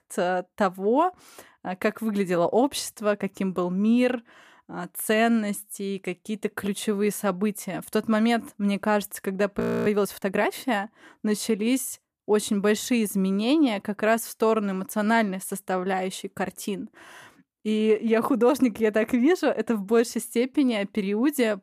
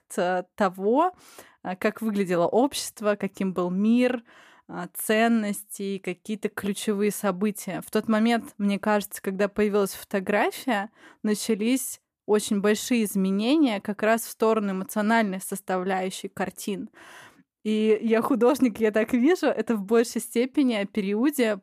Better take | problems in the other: second | audio freezing; at 9.5 s

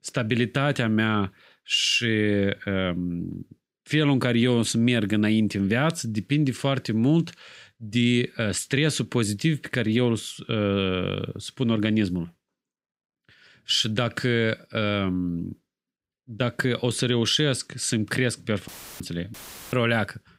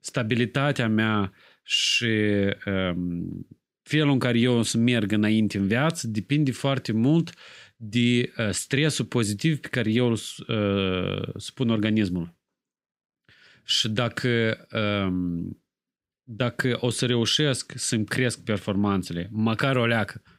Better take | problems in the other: second | audio cutting out; filled with static; at 19 s

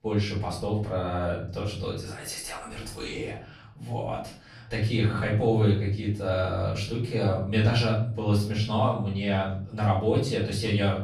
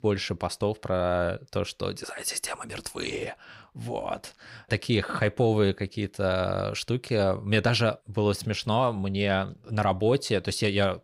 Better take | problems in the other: second | off-mic speech; far // room echo; noticeable; dies away in 0.7 s

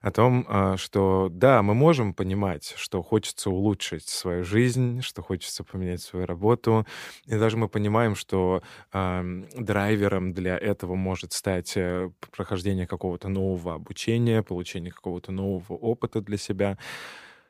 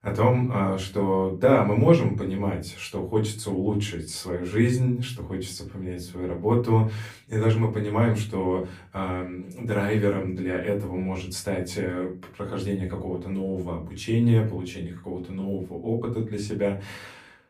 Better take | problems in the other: first | room echo; slight; dies away in 0.3 s // off-mic speech; far

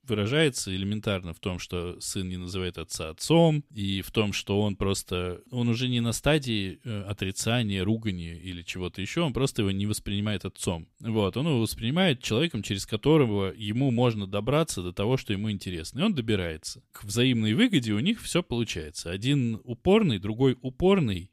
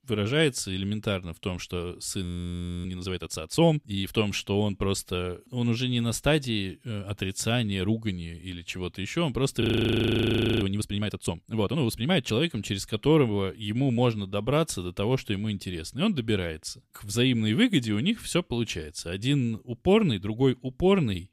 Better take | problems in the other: first | audio freezing; at 2 s for 0.5 s and at 9.5 s for 1 s

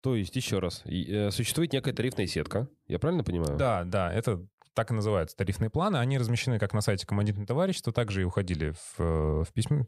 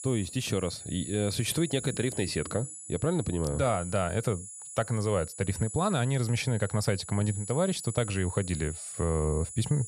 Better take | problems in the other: first | high-pitched whine; loud; throughout; 10 kHz, 10 dB below the speech

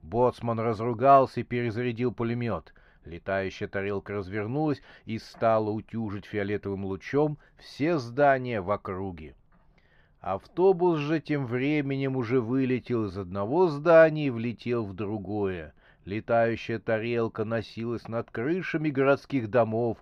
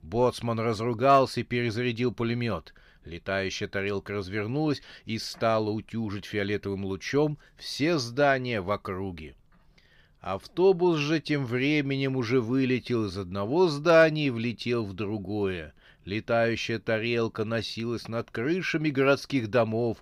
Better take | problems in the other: second | muffled; slightly; fading above 3 kHz

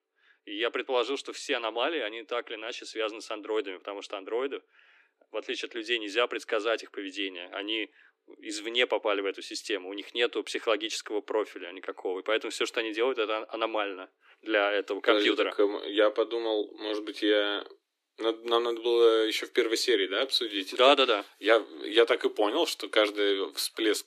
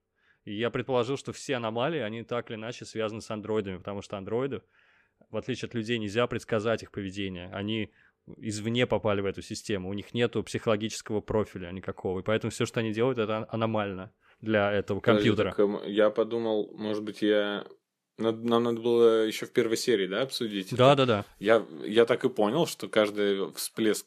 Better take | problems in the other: second | thin; somewhat; fading below 300 Hz

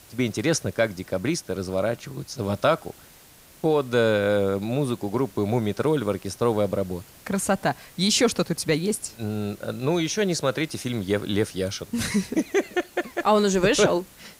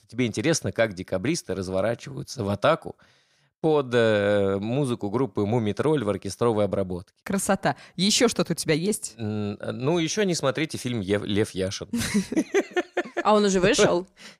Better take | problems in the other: second | hiss; faint; throughout; 25 dB below the speech

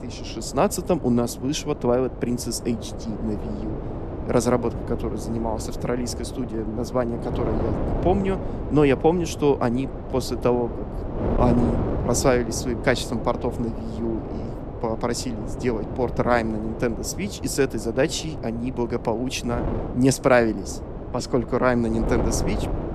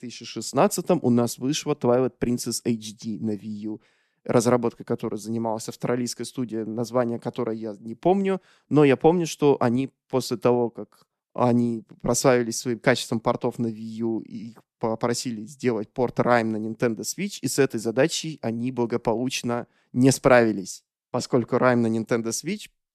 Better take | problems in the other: second | wind noise on the microphone; heavy; 9 dB below the speech

